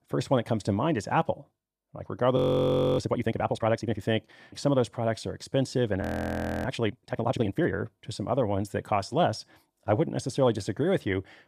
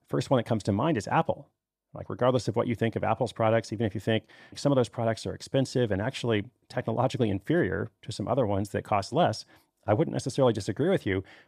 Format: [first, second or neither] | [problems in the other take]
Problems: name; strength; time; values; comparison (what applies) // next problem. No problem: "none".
second | audio freezing; at 2.5 s for 0.5 s and at 6 s for 0.5 s